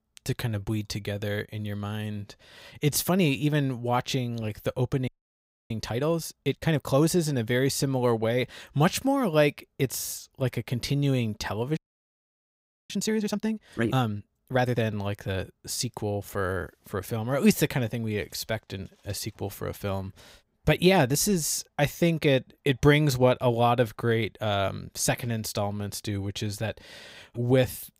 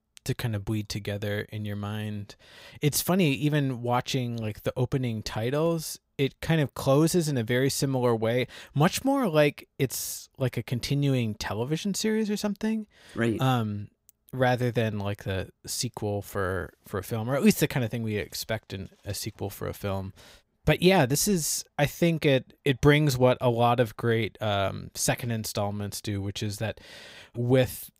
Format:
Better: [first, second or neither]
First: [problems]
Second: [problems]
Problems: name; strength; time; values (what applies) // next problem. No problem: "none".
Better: second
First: audio freezing; at 5 s for 0.5 s and at 12 s for 1 s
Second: none